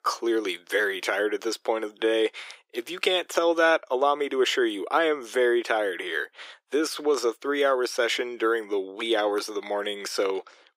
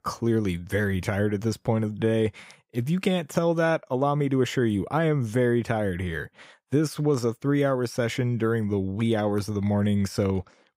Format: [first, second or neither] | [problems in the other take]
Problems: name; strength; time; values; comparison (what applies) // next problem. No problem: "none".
second | thin; very; fading below 350 Hz